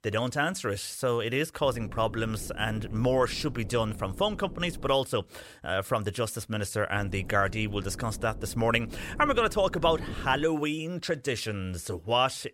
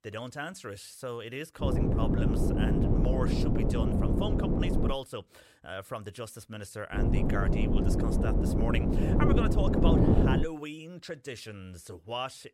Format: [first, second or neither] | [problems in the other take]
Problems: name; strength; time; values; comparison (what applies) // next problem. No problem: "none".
first | wind noise on the microphone; heavy; from 1.5 to 5 s and from 7 to 10 s; 4 dB above the speech; occasional gusts in the first